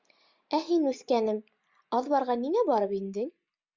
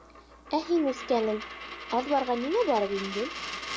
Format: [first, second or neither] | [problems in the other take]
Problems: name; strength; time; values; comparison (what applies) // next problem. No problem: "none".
first | background sound (Coin (dropping)); 10 dB below the speech